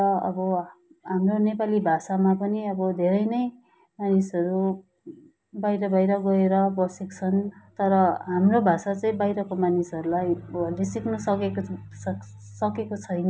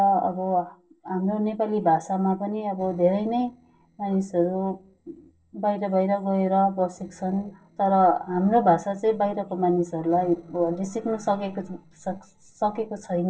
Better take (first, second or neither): first